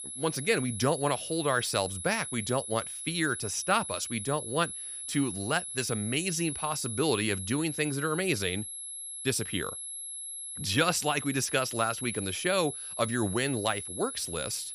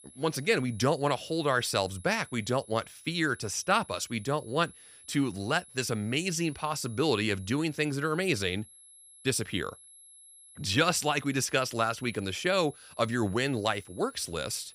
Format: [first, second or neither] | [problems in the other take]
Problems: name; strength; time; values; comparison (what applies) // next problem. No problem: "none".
second | high-pitched whine; loud; throughout; 11 kHz, 6 dB below the speech; faint in the second